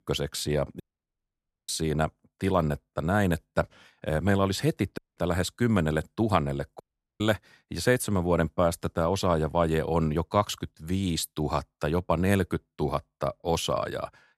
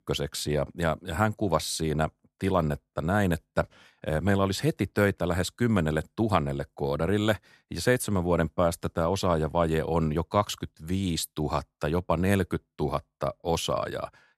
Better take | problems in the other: second | audio cutting out; at 1 s for 1 s, at 5 s and at 7 s

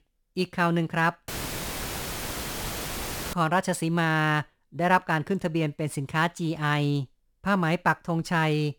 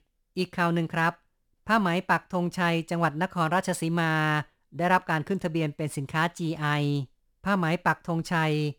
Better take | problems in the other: second | audio cutting out; filled with static; at 1.5 s for 2 s

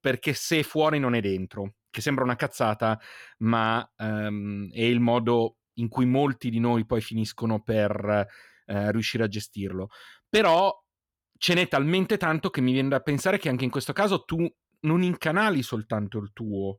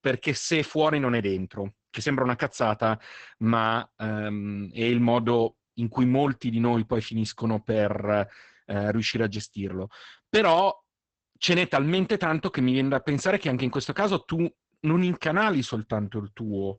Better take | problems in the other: first | garbled, watery; badly; nothing above 8 kHz

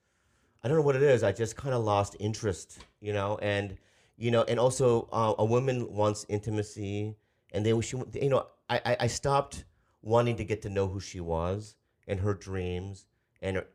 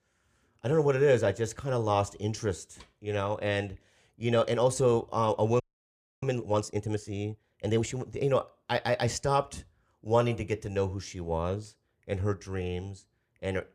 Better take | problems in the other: first | audio freezing; at 5.5 s for 0.5 s

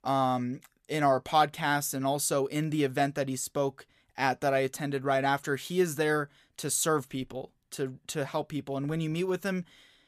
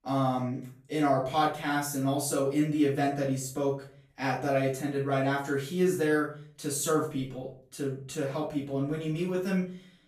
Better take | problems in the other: first | off-mic speech; far // room echo; noticeable; dies away in 0.4 s

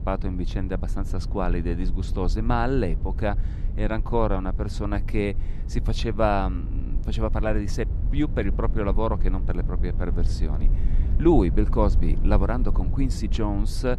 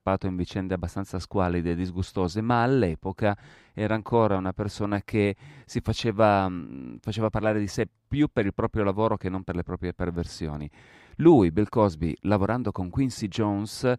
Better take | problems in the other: second | low rumble; noticeable; throughout; 15 dB below the speech

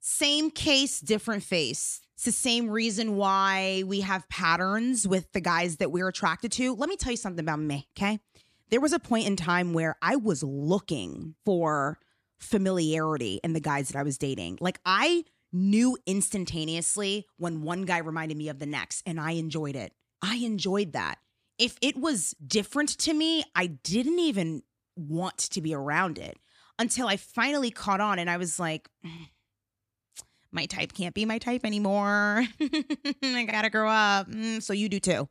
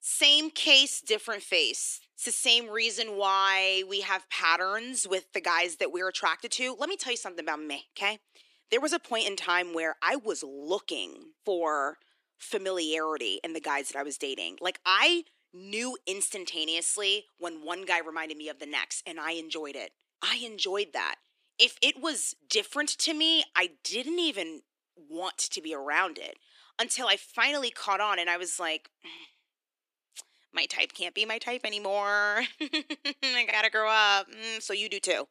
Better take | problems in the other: first | thin; very; fading below 350 Hz

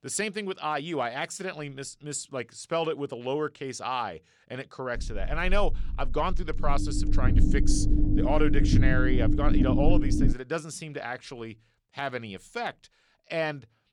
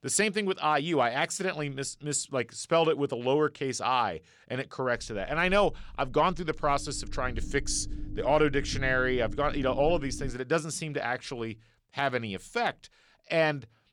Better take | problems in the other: second | low rumble; loud; from 5 to 10 s; 2 dB below the speech; faint in the second

